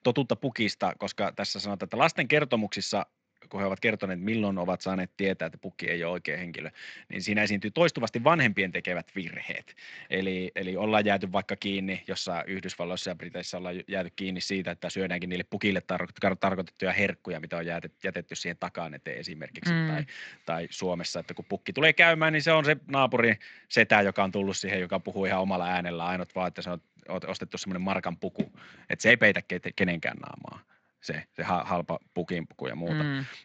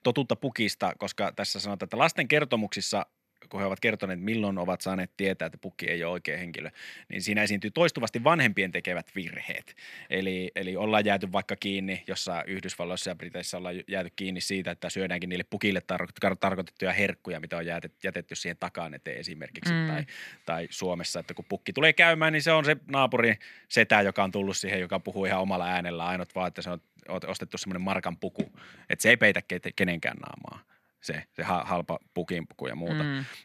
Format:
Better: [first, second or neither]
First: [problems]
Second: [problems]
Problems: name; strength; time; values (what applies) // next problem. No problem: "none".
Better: second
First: garbled, watery; slightly; nothing above 7.5 kHz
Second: none